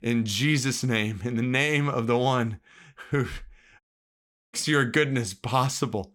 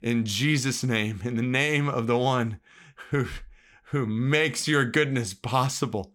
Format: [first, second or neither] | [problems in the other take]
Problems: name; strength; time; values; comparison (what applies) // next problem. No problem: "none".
second | audio cutting out; at 4 s for 0.5 s